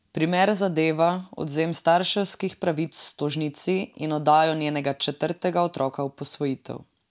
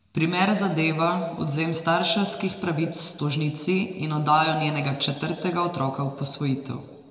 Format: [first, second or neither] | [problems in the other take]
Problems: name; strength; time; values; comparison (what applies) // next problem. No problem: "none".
first | room echo; dies away in 1.6 s